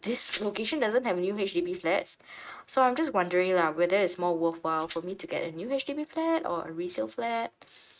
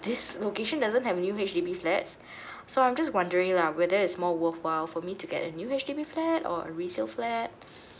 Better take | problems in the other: second | noise reduction (neural mask model RNNoise)

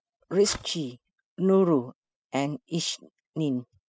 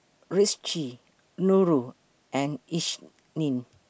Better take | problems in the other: second | noise reduction (classical method spectral subtraction)

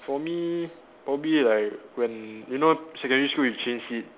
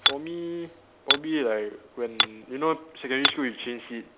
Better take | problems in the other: first | background sound (Hammer); 1 dB above the speech

